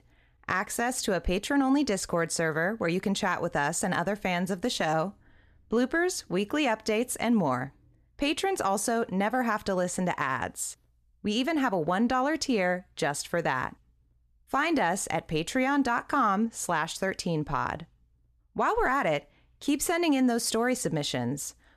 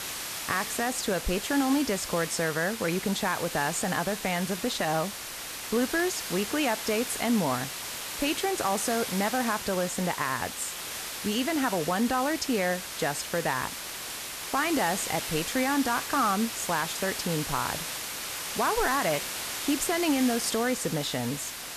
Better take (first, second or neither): first